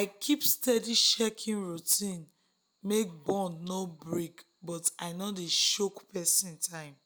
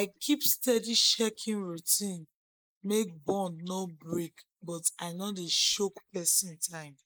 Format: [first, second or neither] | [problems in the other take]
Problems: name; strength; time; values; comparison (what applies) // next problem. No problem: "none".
first | noise reduction (neural mask model Resemble Enhance denoiser)